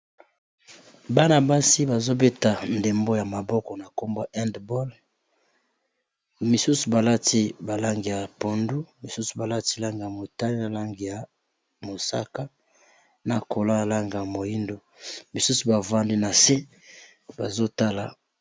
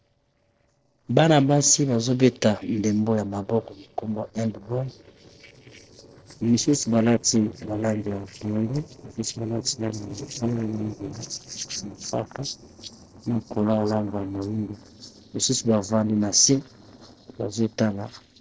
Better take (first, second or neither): first